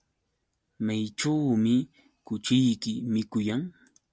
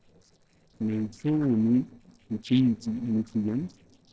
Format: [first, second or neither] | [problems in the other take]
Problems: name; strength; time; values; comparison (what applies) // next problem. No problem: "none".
first | noise reduction (neural separator model SepFormer DNS4)